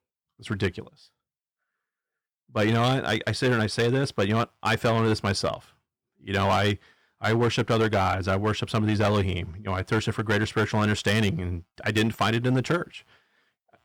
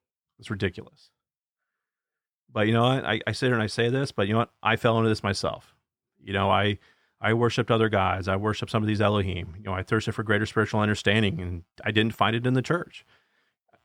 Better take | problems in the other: second | distortion; slight; 7% of the sound clipped

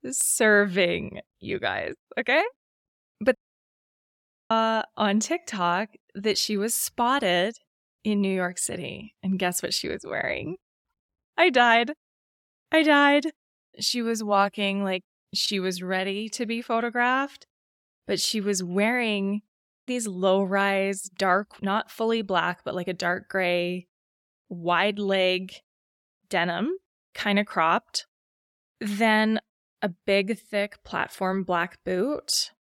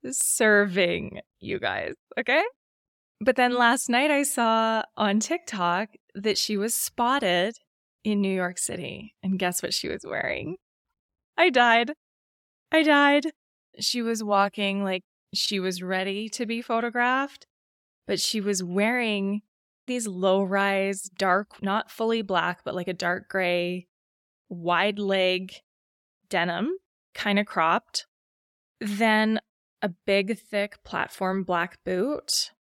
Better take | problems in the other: second | audio cutting out; at 3.5 s for 1 s

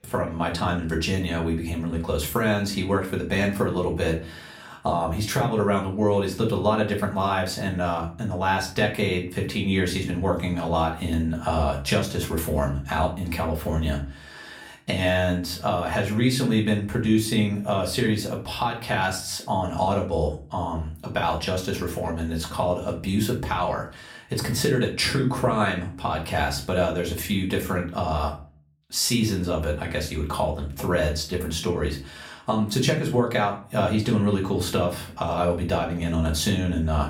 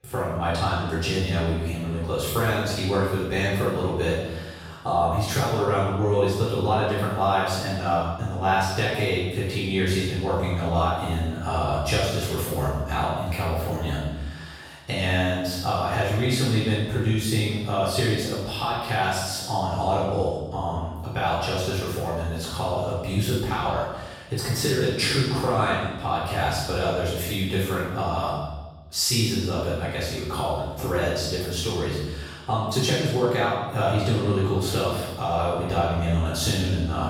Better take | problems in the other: first | room echo; strong; dies away in 1.1 s; slight in the first // off-mic speech; far; far in the first

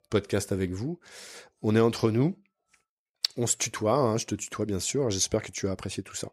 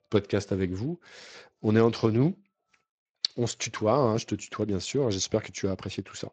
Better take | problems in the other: first | garbled, watery; slightly

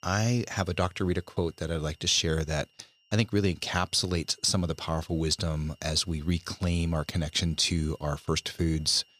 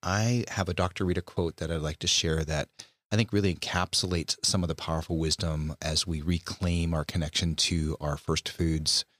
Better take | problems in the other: second | high-pitched whine; faint; throughout; 3 kHz, 35 dB below the speech

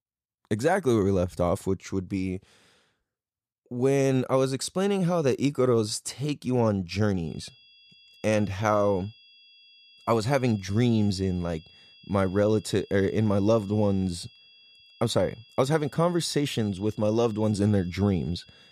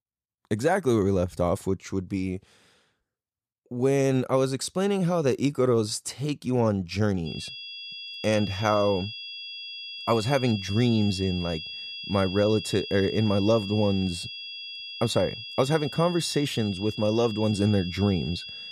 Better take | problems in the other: first | high-pitched whine; loud; from 7.5 s on; 3.5 kHz, 10 dB below the speech; faint in the first

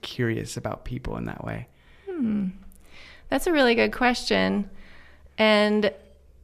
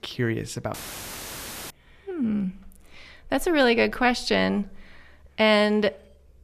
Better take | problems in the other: first | audio cutting out; filled with static; at 0.5 s for 1 s

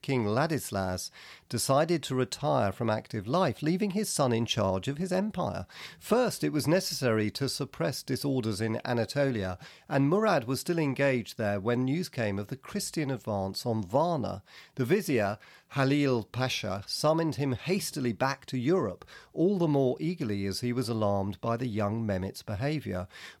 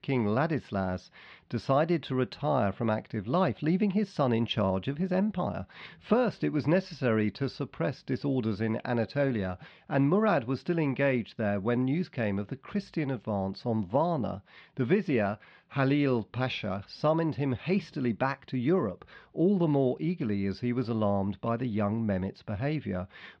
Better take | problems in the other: first | muffled; slightly; fading above 3.5 kHz

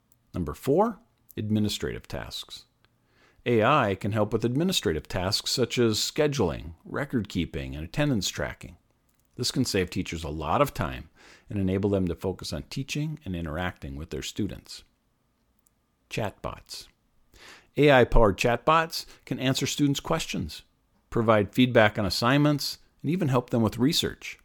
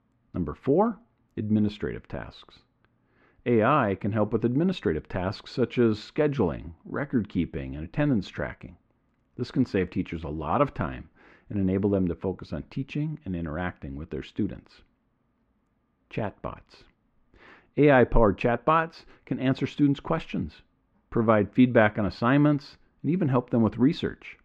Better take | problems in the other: first | muffled; very; fading above 2 kHz

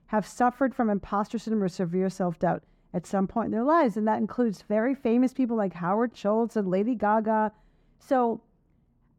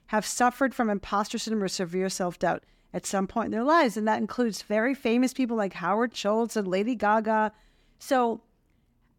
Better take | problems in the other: second | muffled; slightly; fading above 2 kHz

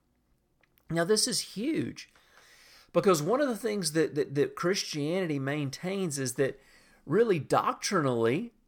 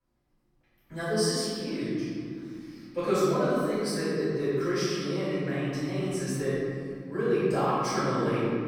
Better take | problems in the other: first | off-mic speech; far // room echo; strong; dies away in 2.3 s

